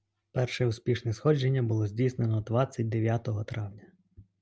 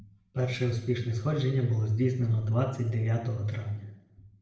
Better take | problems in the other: first | room echo; dies away in 0.8 s

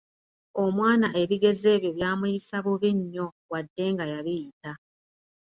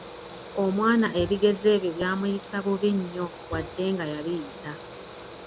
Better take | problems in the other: first | background sound (Bowed string instrument + Mechanical fan); 14 dB below the speech

